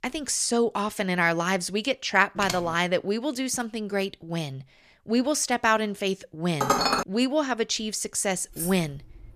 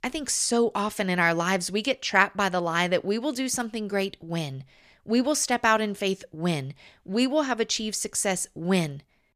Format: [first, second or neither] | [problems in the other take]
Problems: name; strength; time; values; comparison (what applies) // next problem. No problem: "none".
second | keyboard typing; noticeable; at 2.5 s; peak 7 dB below the speech // clattering dishes; loud; at 6.5 s; peak 3 dB above the speech // jangling keys; noticeable; at 8.5 s; peak 8 dB below the speech